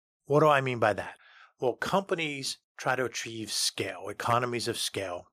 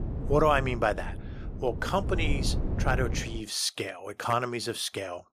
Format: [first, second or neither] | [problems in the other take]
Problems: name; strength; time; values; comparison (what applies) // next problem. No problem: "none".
first | wind noise on the microphone; occasional gusts; until 3.5 s; 15 dB below the speech